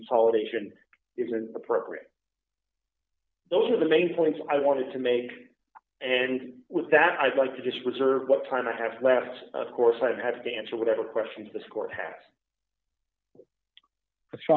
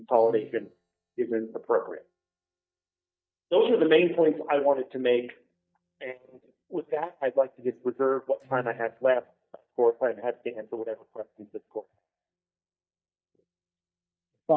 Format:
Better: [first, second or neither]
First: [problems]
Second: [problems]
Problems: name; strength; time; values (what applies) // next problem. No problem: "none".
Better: first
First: none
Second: noise reduction (neural mask model DeepFilterNet 3)